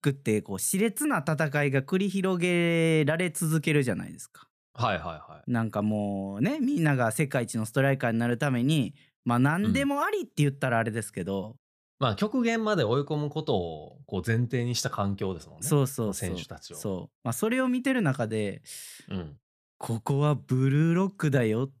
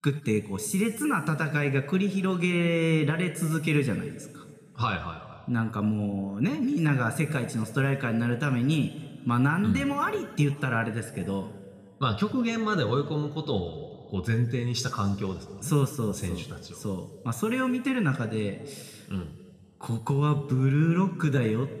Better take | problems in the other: first | room echo; slight; dies away in 1.6 s

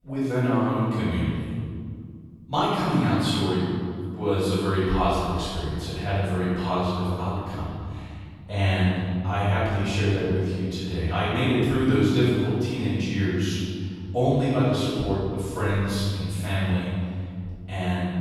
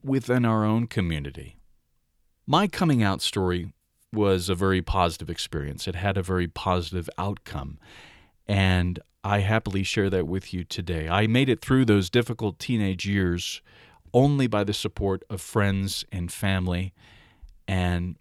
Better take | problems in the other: second | off-mic speech; far // room echo; strong; dies away in 2 s

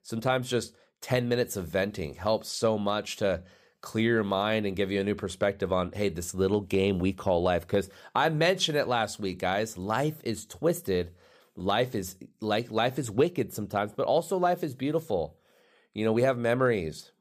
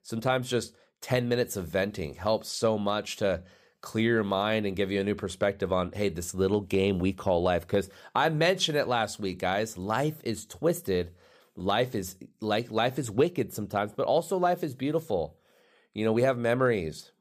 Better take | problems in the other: neither | none

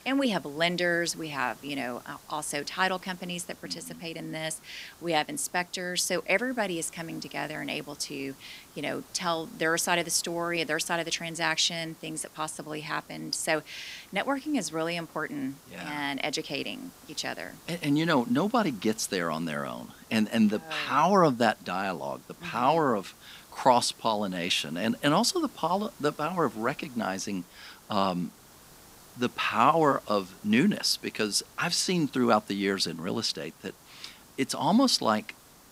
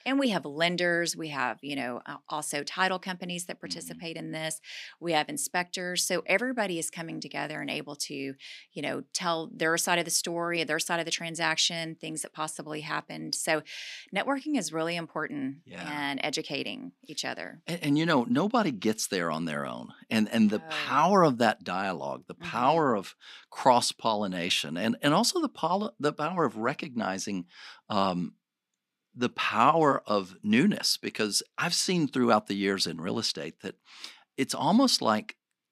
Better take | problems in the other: second | hiss; faint; throughout; 25 dB below the speech

